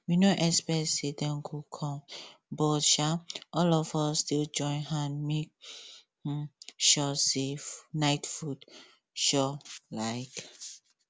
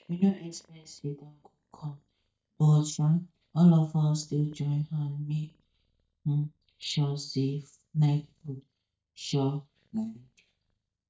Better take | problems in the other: first | noise reduction (neural mask model DeepFilterNet 3)

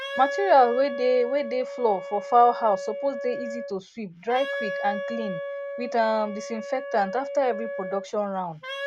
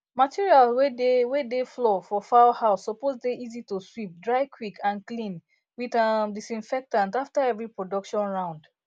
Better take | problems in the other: second | background sound (Wind instrument, woodwind instrument); 8 dB below the speech

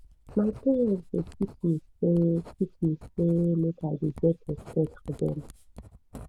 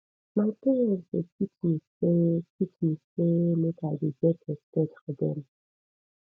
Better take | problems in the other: second | background sound (Writing); 19 dB below the speech

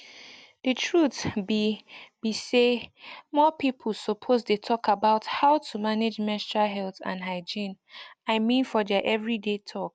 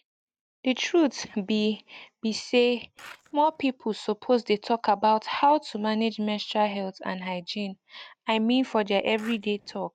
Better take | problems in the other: first | noise reduction (neural mask model DeepFilterNet 3)

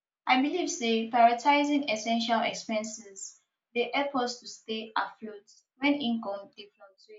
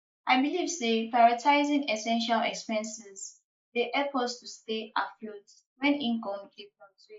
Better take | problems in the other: first | noise reduction (neural mask model Resemble Enhance denoiser)

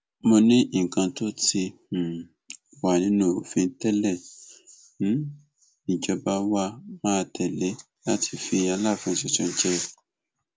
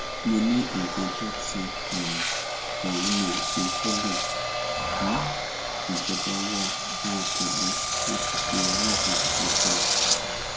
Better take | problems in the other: first | background sound (Engine); 4 dB above the speech // room echo; dies away in 0.3 s

